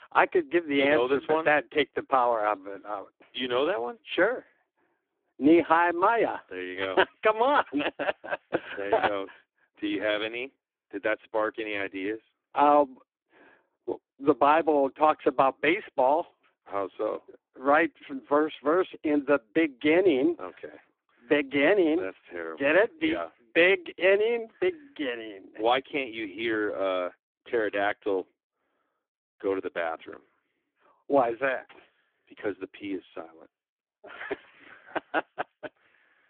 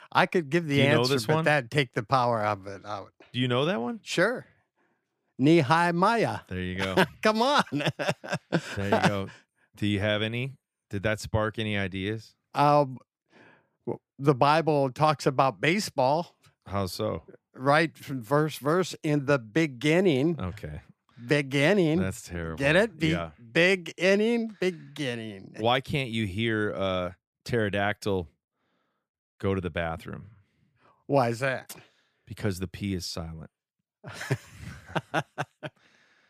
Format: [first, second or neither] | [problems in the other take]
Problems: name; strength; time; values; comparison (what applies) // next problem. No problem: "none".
second | phone-call audio; poor line; nothing above 3.5 kHz